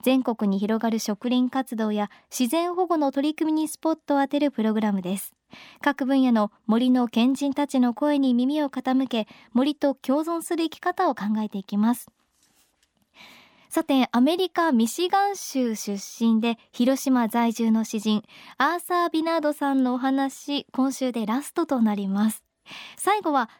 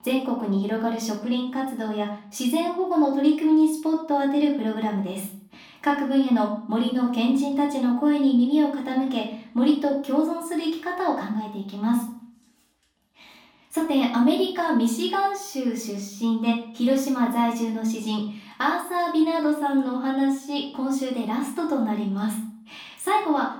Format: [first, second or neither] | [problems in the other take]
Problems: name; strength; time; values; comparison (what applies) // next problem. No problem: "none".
first | off-mic speech; far // room echo; slight; dies away in 0.4 s